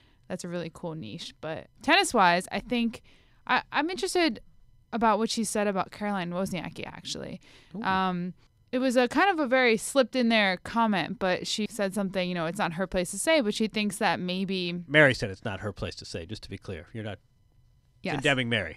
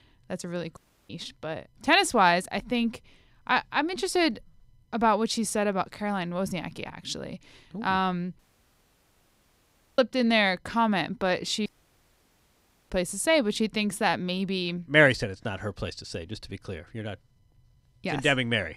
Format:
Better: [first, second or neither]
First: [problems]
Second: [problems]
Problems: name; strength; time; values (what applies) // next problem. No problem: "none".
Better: first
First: none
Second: audio cutting out; at 1 s, at 8.5 s for 1.5 s and at 12 s for 1 s